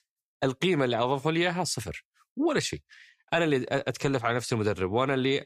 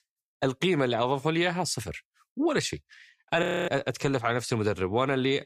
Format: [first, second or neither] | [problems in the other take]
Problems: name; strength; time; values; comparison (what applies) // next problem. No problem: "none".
first | audio freezing; at 3.5 s